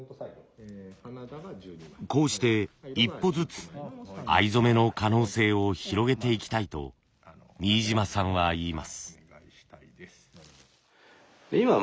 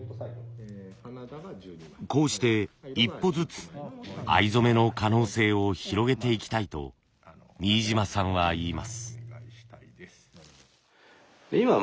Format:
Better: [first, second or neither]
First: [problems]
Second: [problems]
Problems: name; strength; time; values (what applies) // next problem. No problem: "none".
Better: first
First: none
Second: background sound (Guitar); 19 dB below the speech